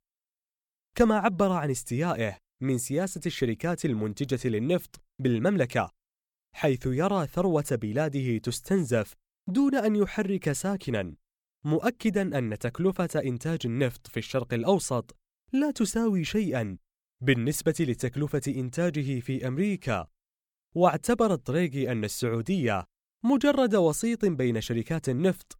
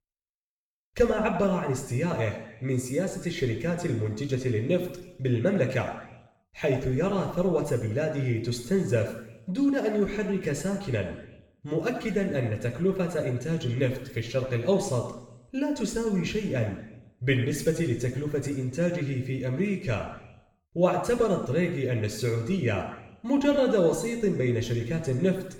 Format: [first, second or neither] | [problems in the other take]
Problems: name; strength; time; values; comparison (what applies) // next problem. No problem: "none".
first | room echo; noticeable; dies away in 0.9 s // off-mic speech; somewhat distant